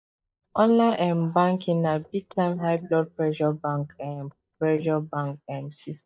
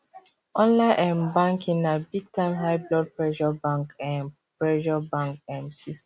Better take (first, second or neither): second